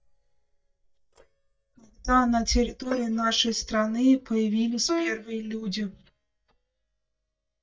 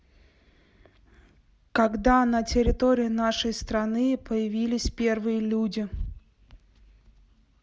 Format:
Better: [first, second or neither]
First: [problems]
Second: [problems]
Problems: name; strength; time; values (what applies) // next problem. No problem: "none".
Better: second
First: noise reduction (neural mask model DeepFilterNet 3)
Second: none